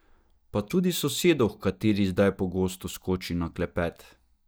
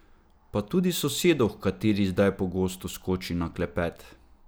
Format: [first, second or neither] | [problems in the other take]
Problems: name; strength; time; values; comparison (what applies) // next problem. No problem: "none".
second | noise reduction (neural mask model DeepFilterNet 3)